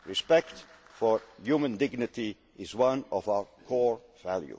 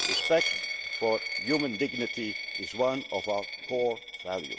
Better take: first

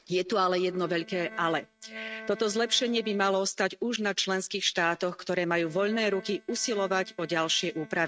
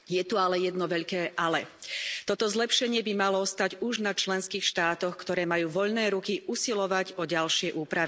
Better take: second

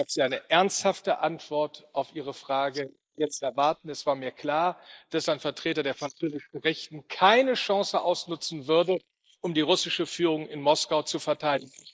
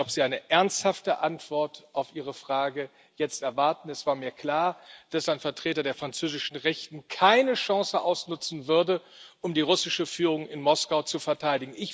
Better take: second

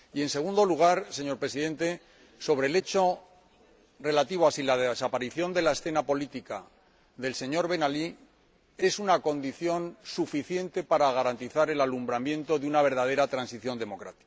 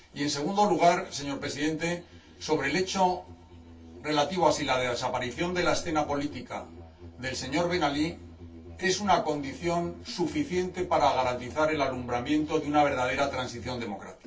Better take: first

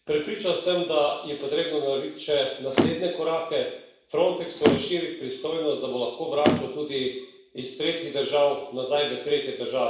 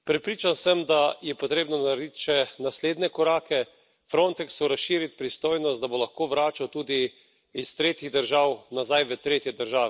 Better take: second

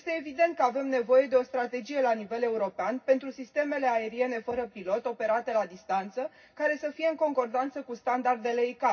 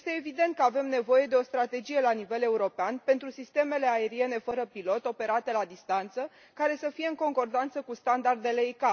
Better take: second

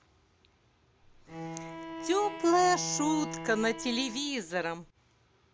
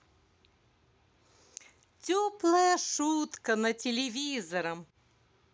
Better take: second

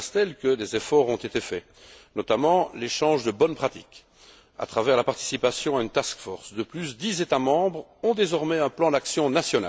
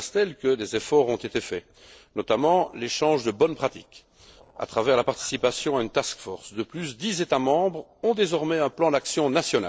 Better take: first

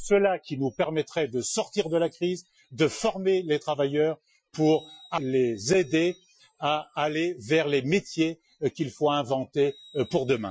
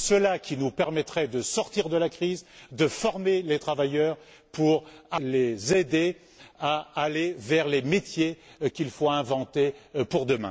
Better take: second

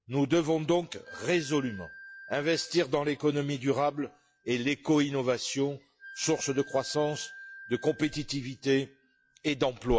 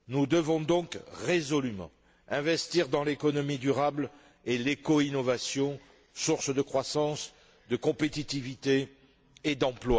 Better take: second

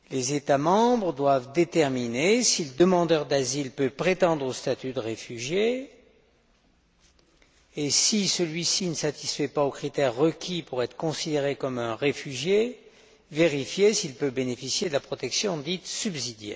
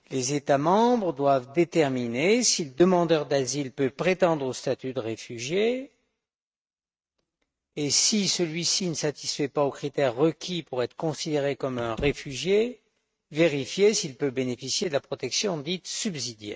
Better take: first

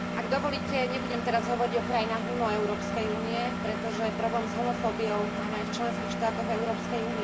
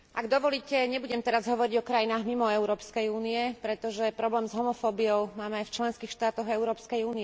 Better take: second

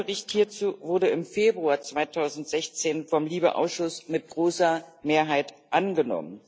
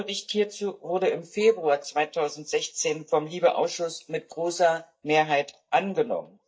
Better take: first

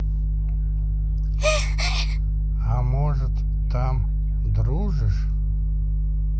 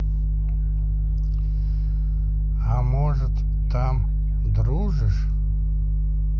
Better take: second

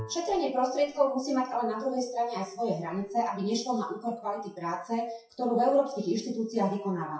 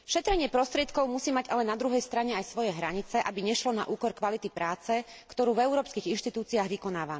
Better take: second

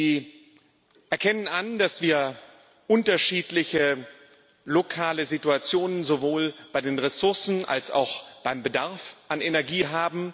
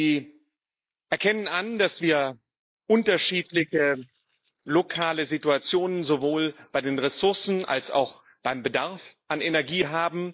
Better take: first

